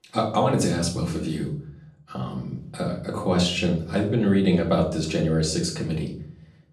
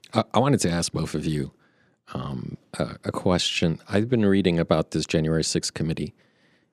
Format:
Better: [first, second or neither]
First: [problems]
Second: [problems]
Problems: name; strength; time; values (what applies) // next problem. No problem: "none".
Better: second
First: off-mic speech; far // room echo; slight; dies away in 0.5 s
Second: none